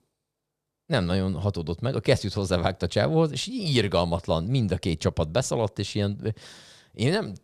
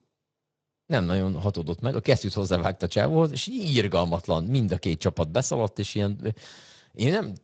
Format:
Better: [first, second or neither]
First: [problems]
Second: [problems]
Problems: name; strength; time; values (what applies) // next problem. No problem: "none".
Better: first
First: none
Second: garbled, watery; slightly; nothing above 7.5 kHz